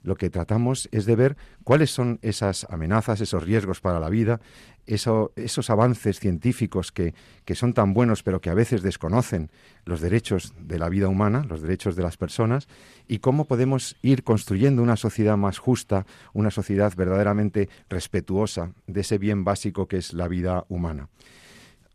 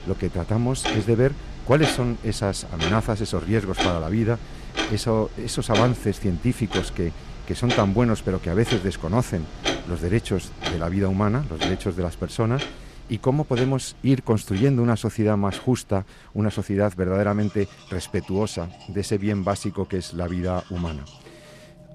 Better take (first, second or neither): first